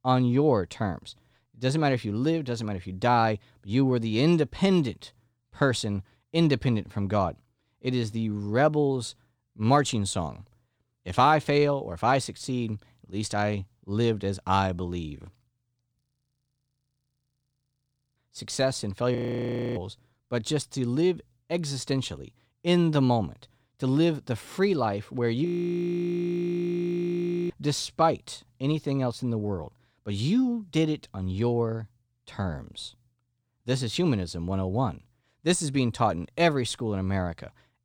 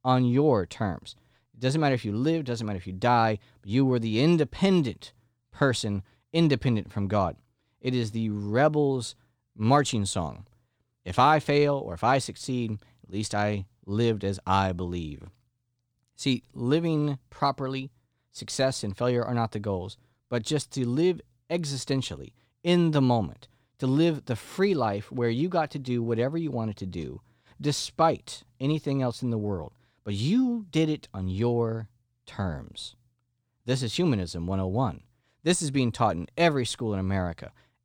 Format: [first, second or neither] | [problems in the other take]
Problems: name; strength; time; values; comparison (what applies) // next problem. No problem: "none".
second | audio freezing; at 16 s for 2 s, at 19 s for 0.5 s and at 25 s for 2 s